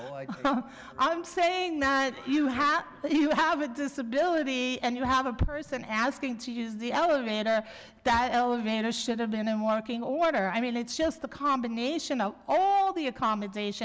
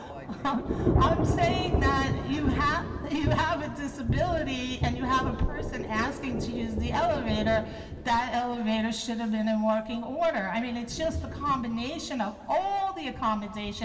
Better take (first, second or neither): first